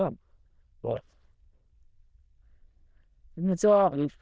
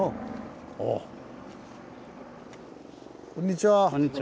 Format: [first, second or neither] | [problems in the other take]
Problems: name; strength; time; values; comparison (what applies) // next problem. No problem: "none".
second | noise reduction (neural diffusion model UNIVERSE++)